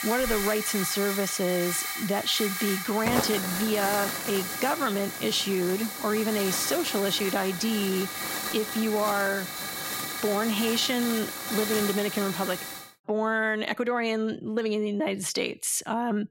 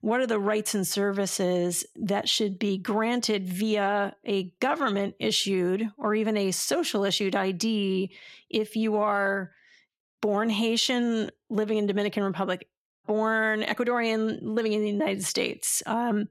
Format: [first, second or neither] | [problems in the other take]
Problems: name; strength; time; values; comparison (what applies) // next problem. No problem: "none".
second | hiss; loud; until 13 s; 3 dB below the speech